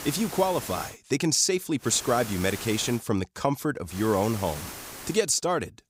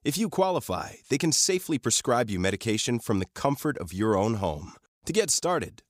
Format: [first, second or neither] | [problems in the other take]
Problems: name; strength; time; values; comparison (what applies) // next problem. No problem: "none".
second | hiss; noticeable; at the start, from 2 to 3 s and from 4 to 5 s; 10 dB below the speech